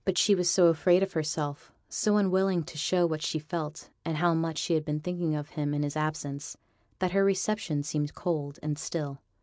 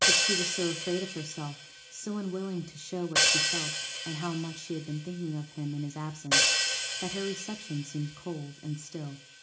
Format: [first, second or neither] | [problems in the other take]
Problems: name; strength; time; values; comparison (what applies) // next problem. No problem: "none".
first | background sound (Hi-hat); 4 dB above the speech // room echo; dies away in 0.4 s